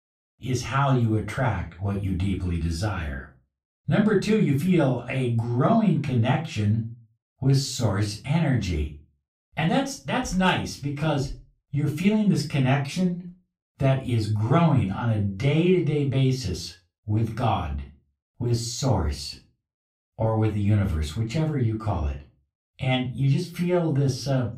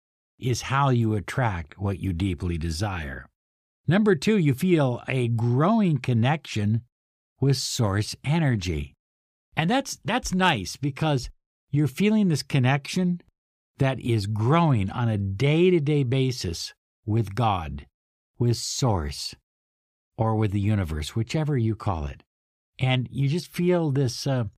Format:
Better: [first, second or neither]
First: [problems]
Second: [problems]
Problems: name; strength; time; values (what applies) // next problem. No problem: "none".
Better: second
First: off-mic speech; far // room echo; slight; dies away in 0.3 s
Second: none